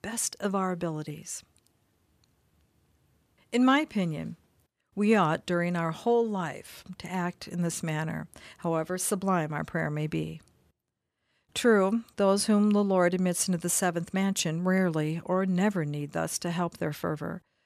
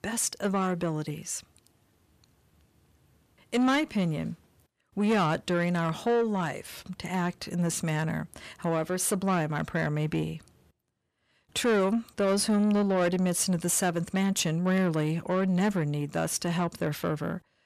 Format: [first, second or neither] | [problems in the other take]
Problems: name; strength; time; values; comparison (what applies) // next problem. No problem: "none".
first | distortion; slight; 10 dB below the speech